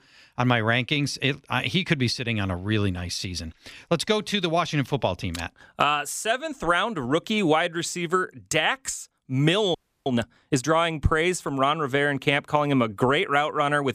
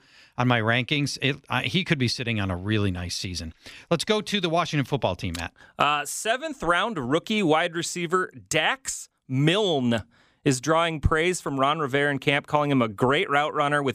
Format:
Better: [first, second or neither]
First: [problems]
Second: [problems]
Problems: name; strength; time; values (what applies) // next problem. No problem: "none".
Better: second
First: audio freezing; at 9.5 s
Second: none